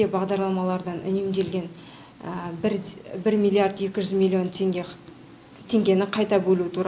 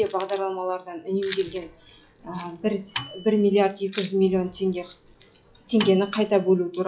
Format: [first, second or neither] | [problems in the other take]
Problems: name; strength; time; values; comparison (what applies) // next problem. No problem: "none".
first | noise reduction (classical method log-MMSE)